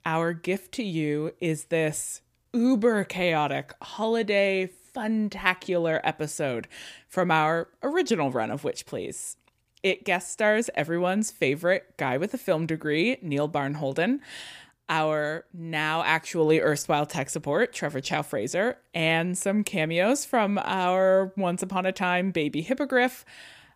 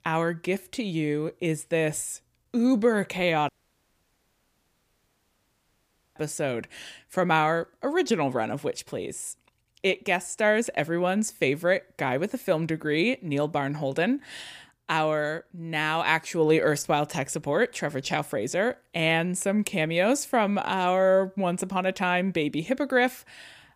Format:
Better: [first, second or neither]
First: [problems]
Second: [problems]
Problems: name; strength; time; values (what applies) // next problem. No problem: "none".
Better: first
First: none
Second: audio cutting out; at 3.5 s for 2.5 s